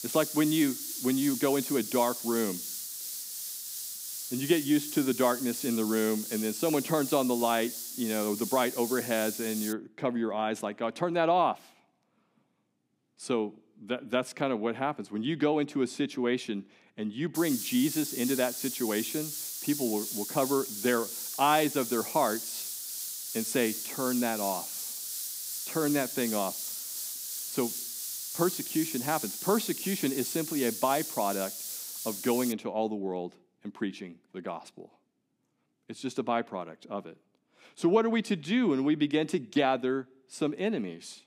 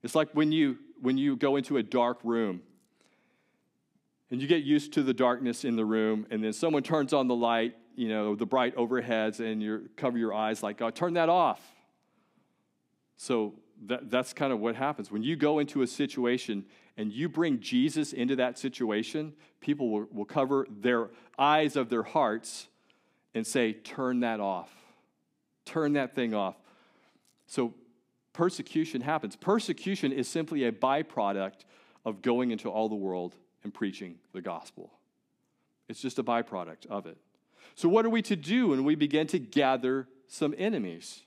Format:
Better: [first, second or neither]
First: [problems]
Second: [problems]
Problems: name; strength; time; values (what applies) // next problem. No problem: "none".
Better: second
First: hiss; loud; until 9.5 s and from 17 to 33 s; 5 dB below the speech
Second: none